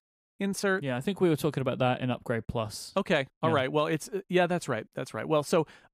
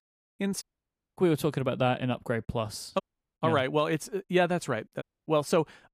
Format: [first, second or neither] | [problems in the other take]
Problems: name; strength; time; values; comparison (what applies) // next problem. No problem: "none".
first | audio cutting out; at 0.5 s for 0.5 s, at 3 s and at 5 s